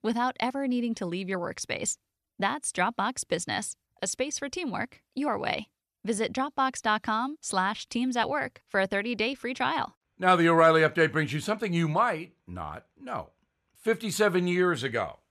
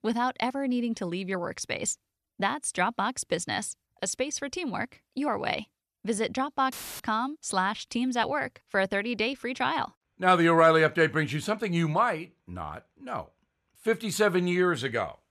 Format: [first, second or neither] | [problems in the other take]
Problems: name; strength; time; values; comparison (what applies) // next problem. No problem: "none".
first | audio cutting out; filled with static; at 6.5 s